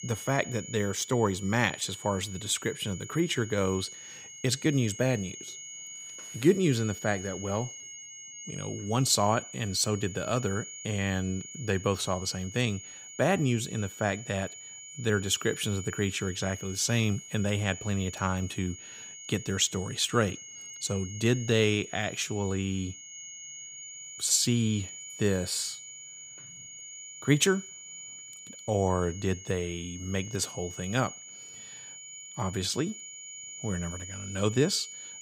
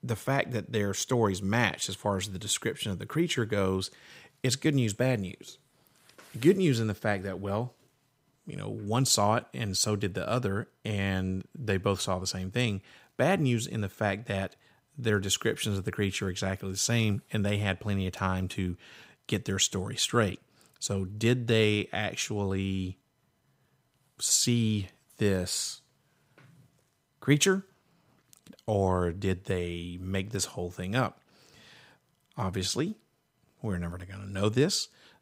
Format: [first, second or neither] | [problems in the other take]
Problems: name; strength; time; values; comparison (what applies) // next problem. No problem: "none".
second | high-pitched whine; noticeable; throughout; 7 kHz, 10 dB below the speech